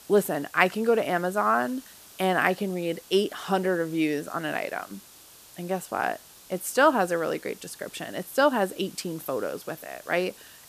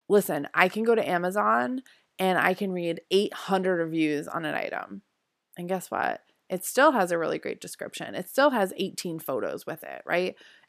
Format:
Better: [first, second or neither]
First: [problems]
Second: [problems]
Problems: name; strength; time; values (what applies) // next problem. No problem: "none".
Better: second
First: hiss; faint; throughout; 20 dB below the speech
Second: none